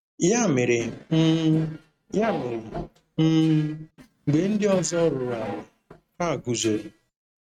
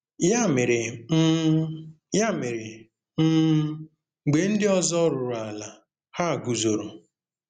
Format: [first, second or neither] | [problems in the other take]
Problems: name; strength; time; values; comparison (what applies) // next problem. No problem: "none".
second | noise reduction (neural mask model RNNoise)